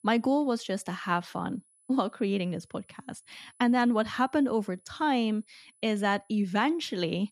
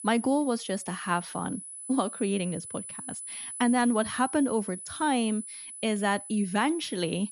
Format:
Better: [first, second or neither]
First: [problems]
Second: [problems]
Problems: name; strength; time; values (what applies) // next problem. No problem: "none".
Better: first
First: high-pitched whine; faint; throughout; 10 kHz, 35 dB below the speech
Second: high-pitched whine; loud; throughout; 10 kHz, 10 dB below the speech